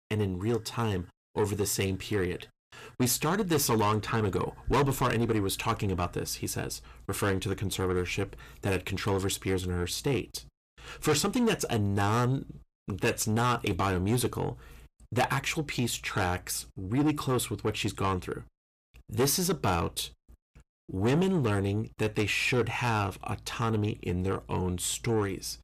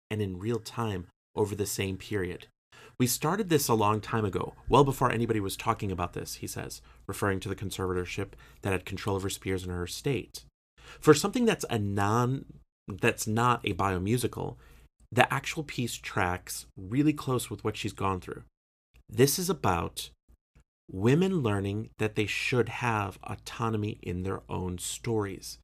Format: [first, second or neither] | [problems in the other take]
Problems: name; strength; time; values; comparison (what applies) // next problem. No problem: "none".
second | distortion; heavy; 7 dB below the speech